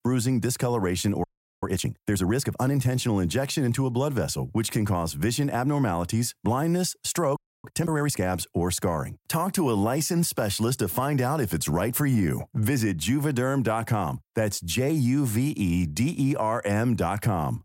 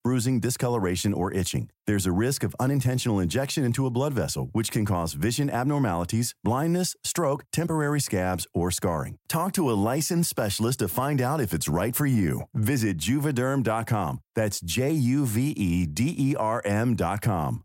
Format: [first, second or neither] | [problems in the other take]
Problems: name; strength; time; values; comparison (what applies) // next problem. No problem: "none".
second | audio freezing; at 1 s and at 7.5 s